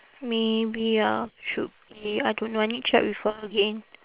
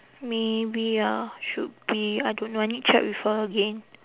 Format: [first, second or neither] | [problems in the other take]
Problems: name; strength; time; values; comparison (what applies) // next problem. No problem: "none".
second | noise reduction (neural separator model SepFormer WHAM!)